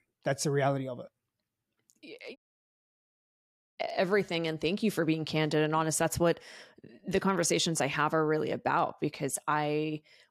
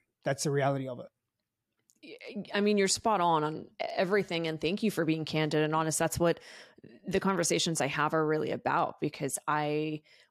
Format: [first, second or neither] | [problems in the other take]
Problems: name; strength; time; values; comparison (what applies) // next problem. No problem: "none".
second | audio cutting out; at 2.5 s for 1.5 s